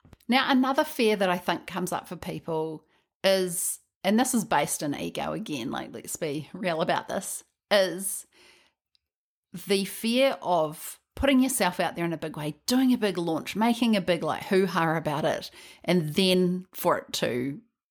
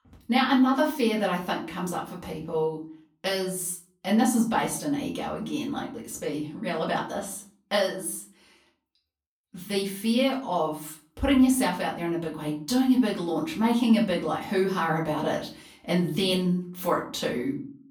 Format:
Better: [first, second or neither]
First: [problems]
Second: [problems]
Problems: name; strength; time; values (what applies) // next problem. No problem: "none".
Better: first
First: none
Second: off-mic speech; far // room echo; slight; dies away in 0.4 s